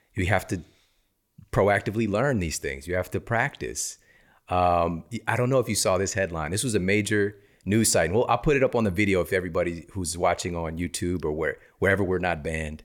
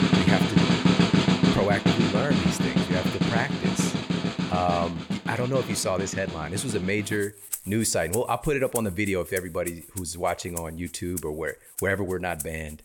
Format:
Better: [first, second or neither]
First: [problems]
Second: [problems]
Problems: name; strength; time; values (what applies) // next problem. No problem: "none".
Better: first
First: none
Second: background music; very loud; throughout; 2 dB above the speech